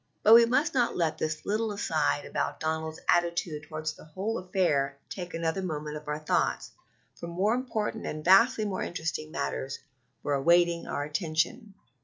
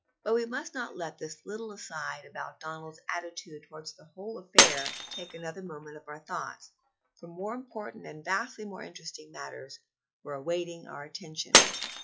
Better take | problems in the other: first | noise reduction (classical method log-MMSE)

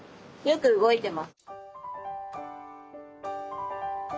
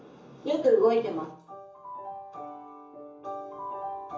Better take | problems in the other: first | room echo; dies away in 0.7 s

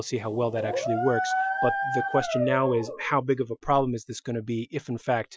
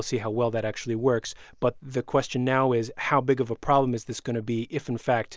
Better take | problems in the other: second | noise reduction (classical method Wiener filter)

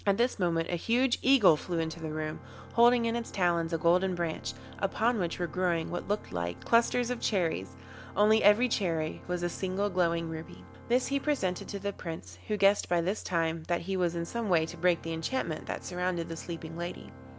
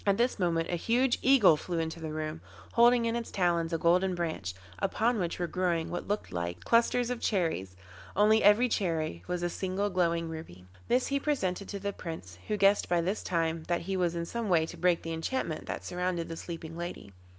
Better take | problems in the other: second | background sound (Organ); 20 dB below the speech

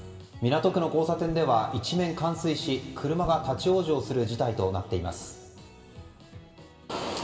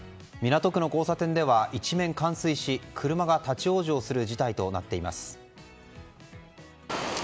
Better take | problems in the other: second | background sound (Explosion); 17 dB below the speech // room echo; dies away in 1.7 s

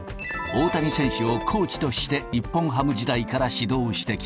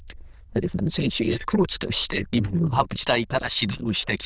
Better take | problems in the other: first | noise reduction (neural diffusion model UNIVERSE++)

